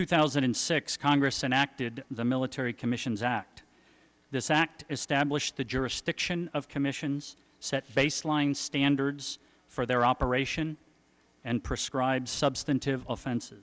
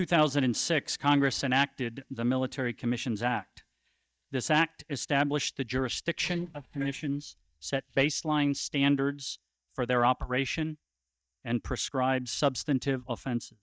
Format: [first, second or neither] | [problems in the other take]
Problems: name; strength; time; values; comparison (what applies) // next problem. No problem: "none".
first | noise reduction (neural mask model DeepFilterNet 3)